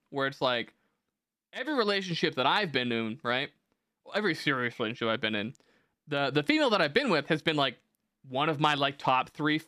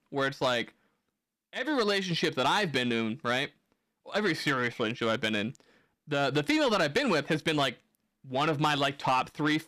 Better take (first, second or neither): first